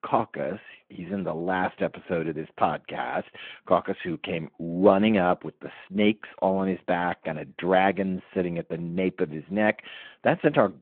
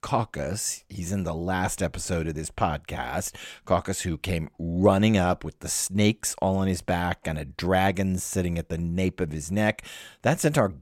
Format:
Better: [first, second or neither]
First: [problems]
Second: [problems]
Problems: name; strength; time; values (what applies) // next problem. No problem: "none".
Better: second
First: phone-call audio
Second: none